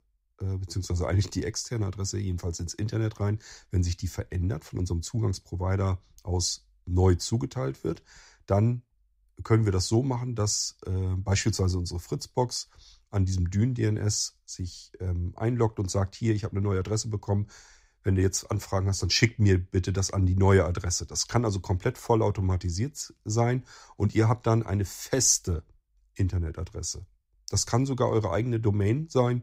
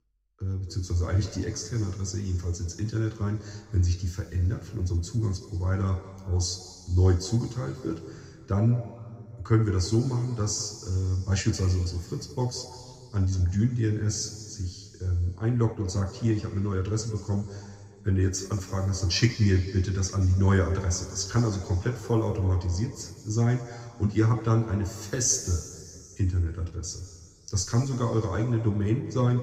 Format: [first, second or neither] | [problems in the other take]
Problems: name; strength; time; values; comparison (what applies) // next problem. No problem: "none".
first | room echo; noticeable; dies away in 2.2 s // off-mic speech; somewhat distant